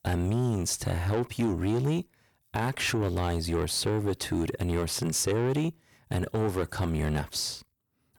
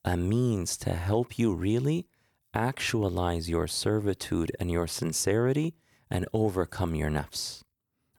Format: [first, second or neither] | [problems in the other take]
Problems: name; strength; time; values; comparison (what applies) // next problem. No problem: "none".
second | distortion; slight; 10 dB below the speech